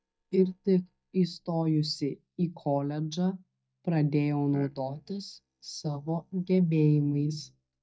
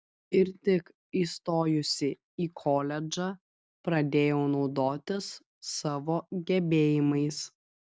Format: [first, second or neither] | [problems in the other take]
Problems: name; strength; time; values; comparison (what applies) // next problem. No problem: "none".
second | noise reduction (neural mask model DeepFilterNet 3)